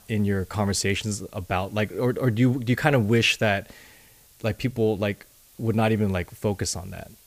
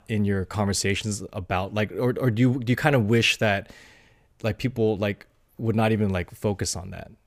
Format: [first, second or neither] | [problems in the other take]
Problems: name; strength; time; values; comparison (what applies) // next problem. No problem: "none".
second | hiss; faint; throughout; 30 dB below the speech